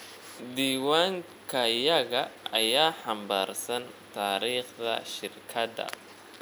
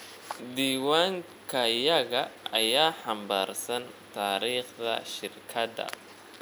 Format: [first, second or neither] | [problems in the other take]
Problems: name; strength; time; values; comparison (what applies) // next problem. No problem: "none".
first | background sound (Clapping); 20 dB below the speech